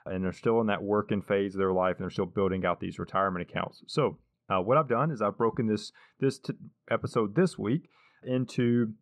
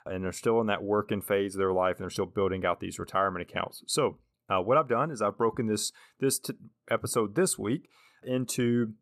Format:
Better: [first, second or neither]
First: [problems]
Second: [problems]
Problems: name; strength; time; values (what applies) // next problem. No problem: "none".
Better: second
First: muffled; slightly; fading above 3.5 kHz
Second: none